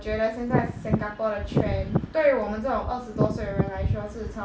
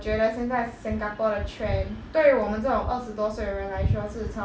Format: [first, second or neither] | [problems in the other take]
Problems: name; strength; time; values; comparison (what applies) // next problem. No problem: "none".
second | background sound (Wind); as loud as the speech